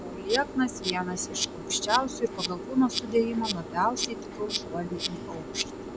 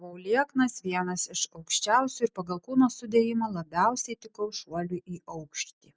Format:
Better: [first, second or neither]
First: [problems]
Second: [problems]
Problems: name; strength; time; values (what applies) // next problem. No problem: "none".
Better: second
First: background sound (Insect); 5 dB below the speech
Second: none